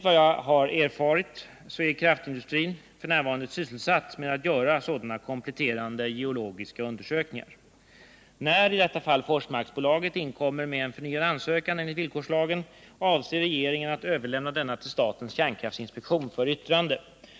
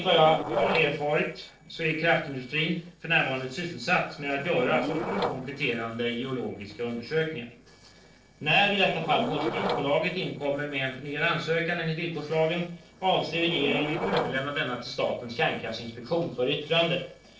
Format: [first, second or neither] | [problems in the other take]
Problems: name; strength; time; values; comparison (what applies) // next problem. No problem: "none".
first | noise reduction (neural separator model SepFormer DNS4)